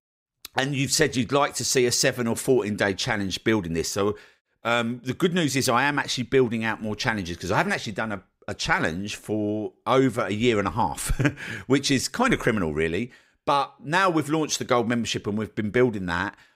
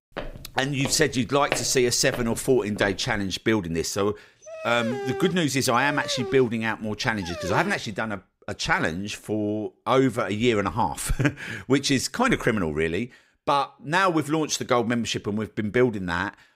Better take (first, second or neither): first